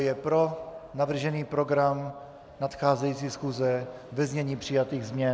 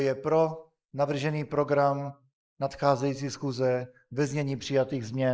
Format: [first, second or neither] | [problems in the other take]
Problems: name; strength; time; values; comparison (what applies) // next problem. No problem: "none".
first | noise reduction (neural mask model Resemble Enhance denoiser)